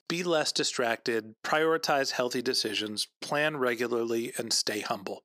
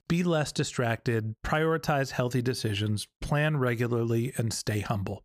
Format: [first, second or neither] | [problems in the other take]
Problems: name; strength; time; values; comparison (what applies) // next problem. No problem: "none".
second | thin; somewhat; fading below 300 Hz